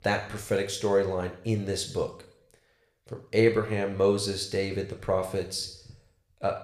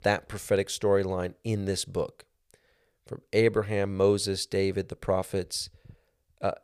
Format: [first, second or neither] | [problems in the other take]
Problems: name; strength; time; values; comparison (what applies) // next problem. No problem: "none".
second | room echo; slight; dies away in 0.6 s